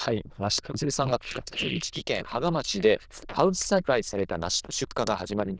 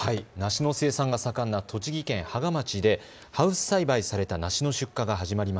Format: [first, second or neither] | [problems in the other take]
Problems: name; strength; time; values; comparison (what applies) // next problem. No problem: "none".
second | noise reduction (neural diffusion model UNIVERSE++)